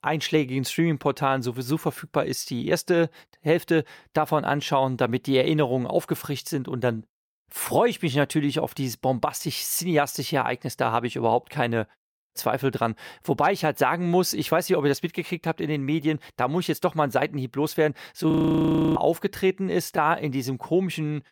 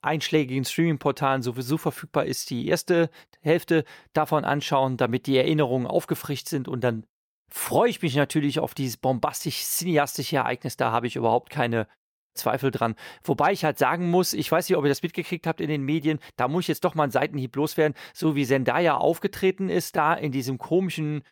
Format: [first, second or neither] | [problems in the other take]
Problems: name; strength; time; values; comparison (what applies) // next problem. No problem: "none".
second | audio freezing; at 18 s for 0.5 s